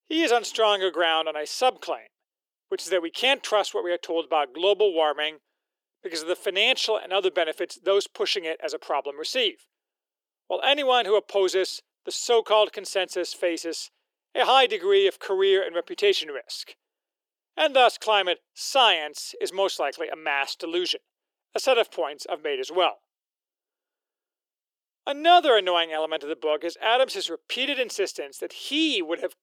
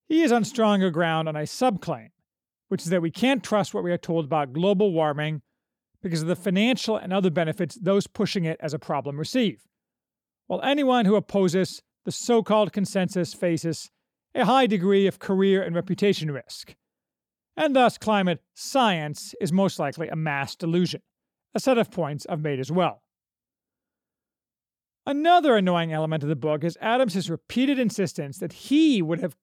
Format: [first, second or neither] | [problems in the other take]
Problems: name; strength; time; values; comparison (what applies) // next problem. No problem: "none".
second | thin; very; fading below 350 Hz